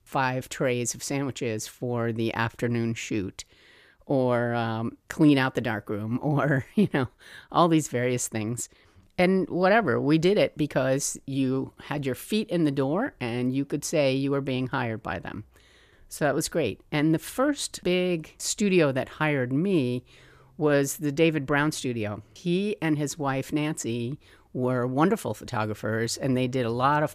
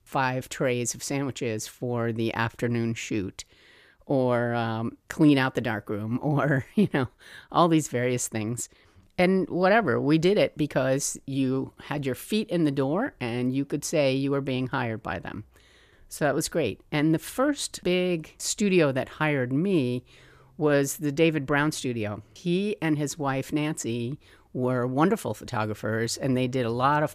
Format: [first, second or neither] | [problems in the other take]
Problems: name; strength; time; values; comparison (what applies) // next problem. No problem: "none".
neither | none